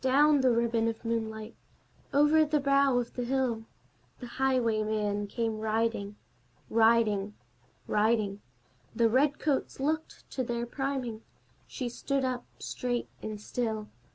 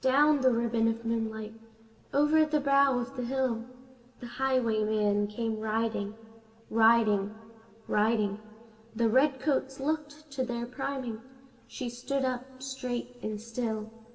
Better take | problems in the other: first | room echo; dies away in 1.3 s

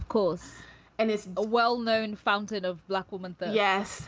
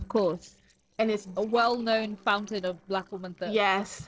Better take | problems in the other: first | noise reduction (neural separator model SepFormer DNS4)

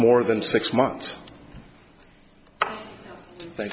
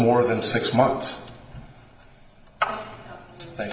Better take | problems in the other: first | room echo; dies away in 1 s

